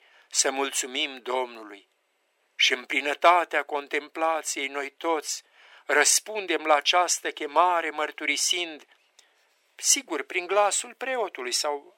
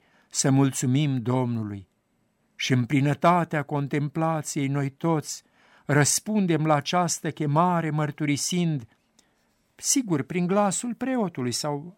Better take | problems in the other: second | thin; very; fading below 400 Hz

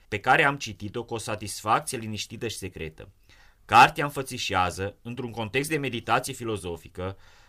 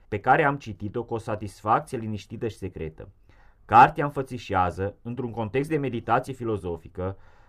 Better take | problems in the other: first | muffled; very; fading above 2 kHz

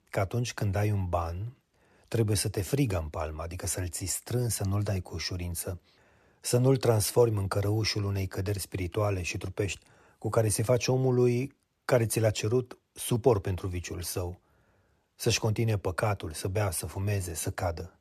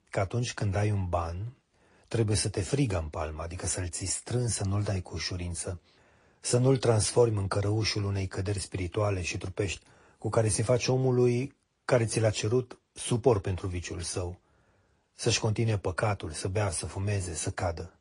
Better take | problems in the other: first | garbled, watery; slightly; nothing above 10.5 kHz

